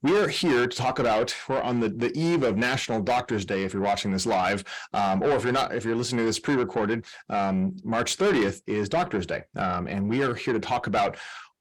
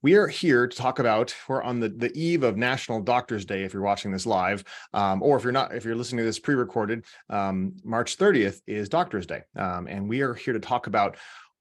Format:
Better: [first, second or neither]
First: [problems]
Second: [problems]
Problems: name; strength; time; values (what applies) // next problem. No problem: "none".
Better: second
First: distortion; heavy; 7 dB below the speech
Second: none